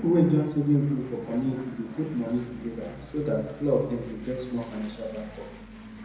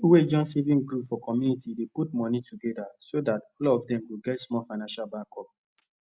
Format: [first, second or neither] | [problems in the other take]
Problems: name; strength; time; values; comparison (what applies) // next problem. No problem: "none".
second | background sound (Aircraft); 16 dB below the speech // room echo; dies away in 1 s